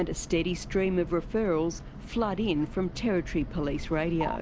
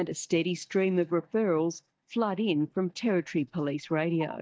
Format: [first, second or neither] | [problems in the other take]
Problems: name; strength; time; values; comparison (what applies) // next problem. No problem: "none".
first | noise reduction (neural mask model DeepFilterNet 3)